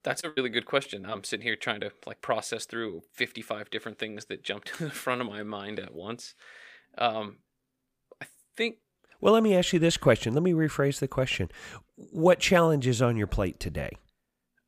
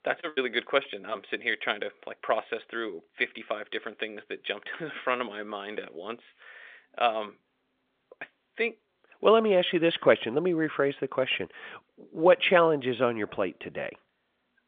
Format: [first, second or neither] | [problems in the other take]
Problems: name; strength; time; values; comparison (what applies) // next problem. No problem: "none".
first | phone-call audio; nothing above 3.5 kHz